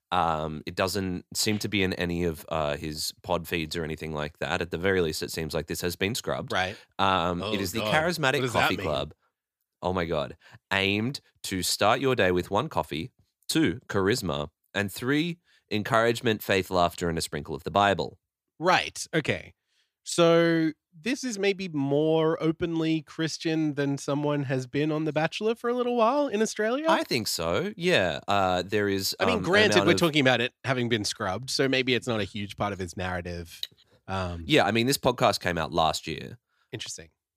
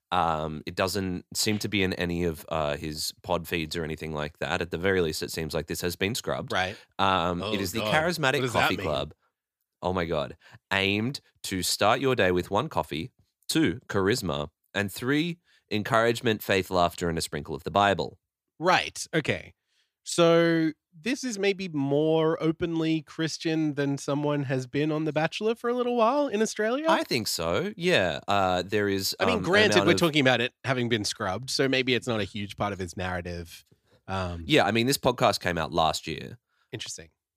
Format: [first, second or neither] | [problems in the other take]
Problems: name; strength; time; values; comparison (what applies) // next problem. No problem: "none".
second | clattering dishes; very faint; at 34 s; peak 10 dB below the speech